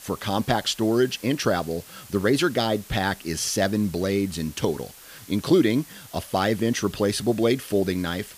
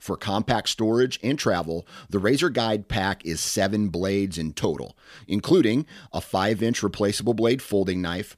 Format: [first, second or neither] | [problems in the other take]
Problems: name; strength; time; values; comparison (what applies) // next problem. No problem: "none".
second | hiss; noticeable; throughout; 20 dB below the speech